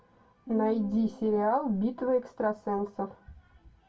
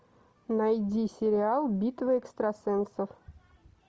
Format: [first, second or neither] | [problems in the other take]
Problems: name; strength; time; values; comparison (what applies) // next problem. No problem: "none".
second | background sound (Piano); 15 dB below the speech // room echo; dies away in 0.1 s